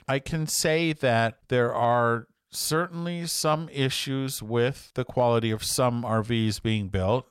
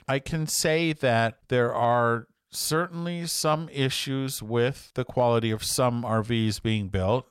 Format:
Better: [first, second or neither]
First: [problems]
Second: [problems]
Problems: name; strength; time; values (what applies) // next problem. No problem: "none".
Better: neither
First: none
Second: none